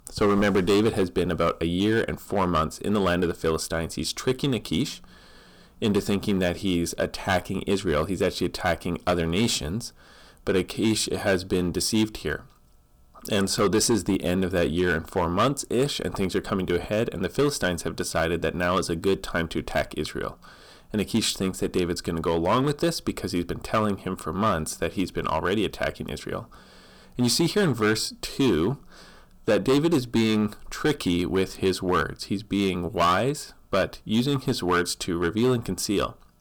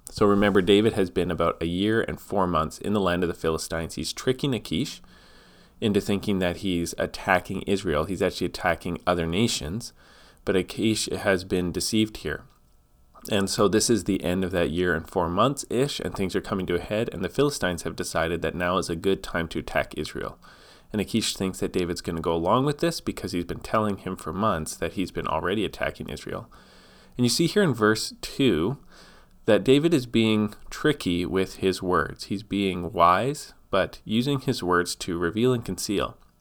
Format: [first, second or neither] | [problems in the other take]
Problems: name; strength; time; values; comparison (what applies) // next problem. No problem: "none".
second | distortion; slight; 5% of the sound clipped